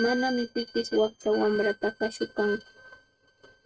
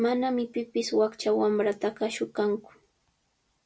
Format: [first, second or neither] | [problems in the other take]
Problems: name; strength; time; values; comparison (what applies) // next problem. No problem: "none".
second | noise reduction (neural mask model RNNoise)